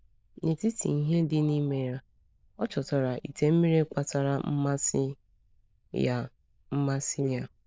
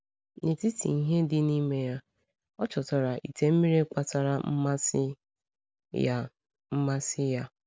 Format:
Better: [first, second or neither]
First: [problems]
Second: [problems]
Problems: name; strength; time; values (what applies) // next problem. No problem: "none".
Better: second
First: noise reduction (neural diffusion model UNIVERSE++)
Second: none